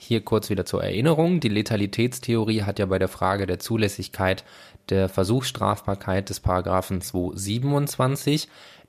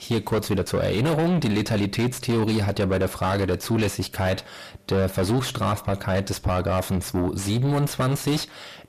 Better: first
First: none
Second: distortion; heavy; 6 dB below the speech

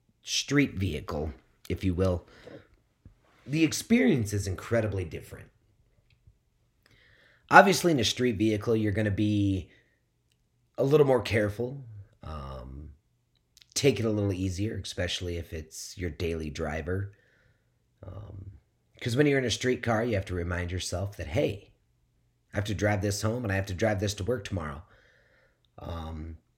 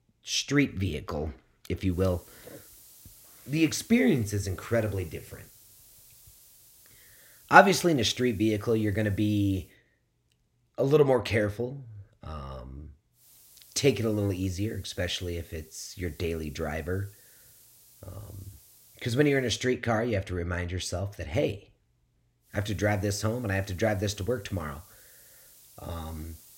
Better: first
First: none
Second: hiss; faint; from 2 to 9.5 s, from 13 to 20 s and from 22 s on; 25 dB below the speech

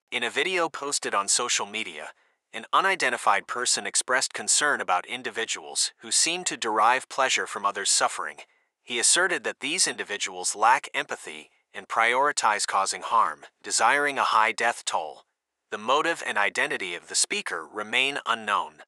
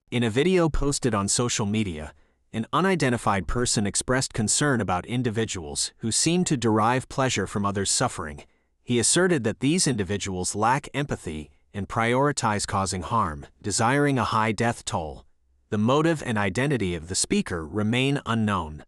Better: second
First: thin; very; fading below 700 Hz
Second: none

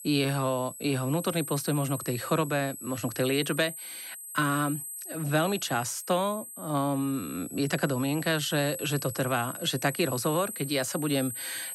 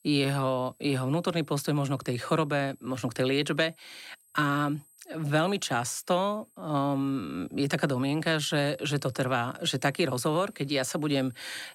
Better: second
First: high-pitched whine; loud; throughout; 8 kHz, 9 dB below the speech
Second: high-pitched whine; faint; throughout; 8 kHz, 30 dB below the speech

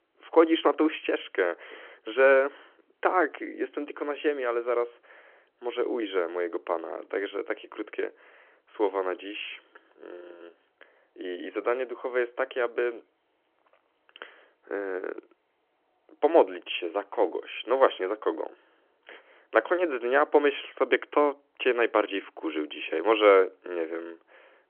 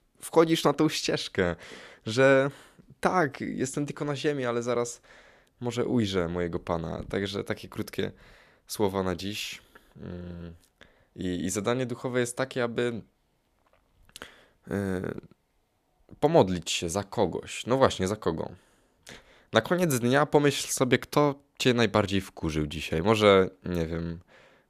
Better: second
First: phone-call audio; nothing above 3 kHz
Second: none

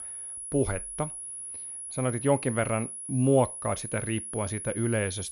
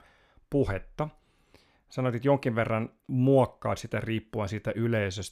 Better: second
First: high-pitched whine; loud; throughout; 10.5 kHz, 7 dB below the speech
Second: none

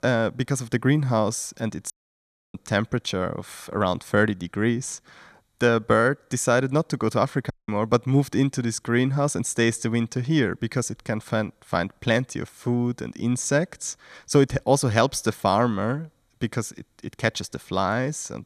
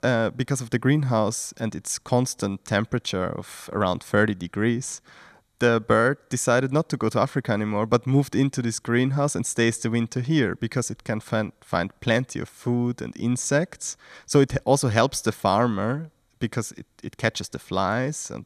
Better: second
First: audio cutting out; at 2 s for 0.5 s and at 7.5 s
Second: none

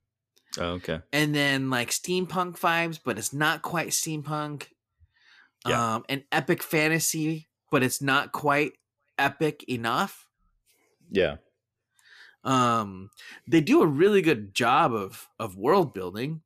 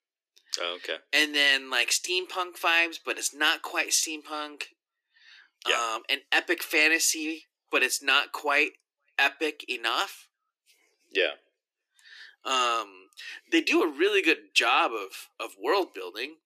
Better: first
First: none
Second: thin; somewhat; fading below 300 Hz

